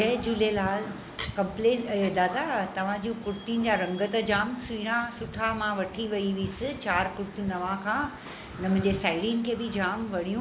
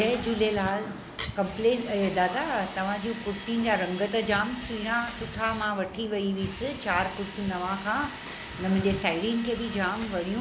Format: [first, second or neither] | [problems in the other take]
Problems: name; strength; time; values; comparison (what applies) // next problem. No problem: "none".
first | background sound (Drill); 16 dB below the speech